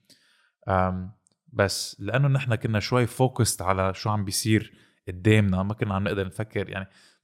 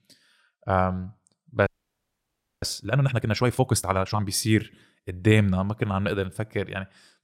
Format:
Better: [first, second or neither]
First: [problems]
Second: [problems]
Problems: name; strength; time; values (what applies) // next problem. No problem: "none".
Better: first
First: none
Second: audio freezing; at 1.5 s for 1 s